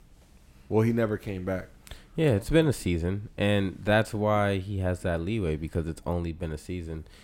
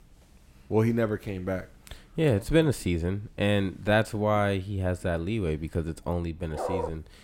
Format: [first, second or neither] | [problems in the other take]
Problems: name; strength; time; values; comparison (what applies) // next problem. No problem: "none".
first | dog barking; noticeable; at 6.5 s; peak 4 dB below the speech